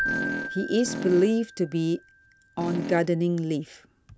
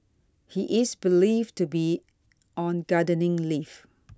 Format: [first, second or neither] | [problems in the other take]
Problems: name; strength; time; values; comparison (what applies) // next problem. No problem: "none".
second | background sound (Keyboard (musical) + Fart); 8 dB below the speech